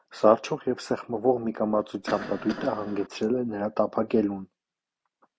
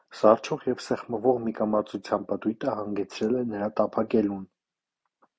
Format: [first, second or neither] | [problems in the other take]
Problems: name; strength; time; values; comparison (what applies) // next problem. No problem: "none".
second | background sound (Cough); 11 dB below the speech